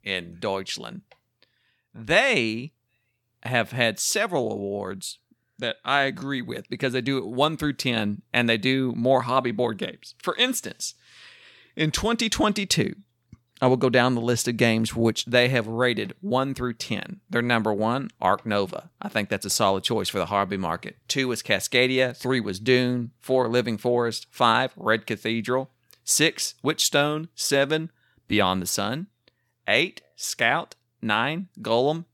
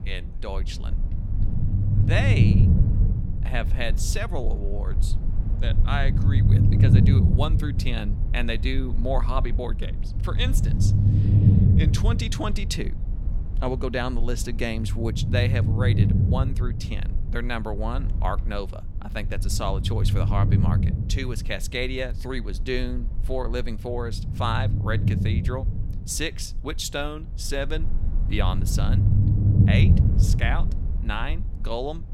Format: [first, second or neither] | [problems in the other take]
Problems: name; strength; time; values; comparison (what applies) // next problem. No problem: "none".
first | low rumble; loud; throughout; 5 dB below the speech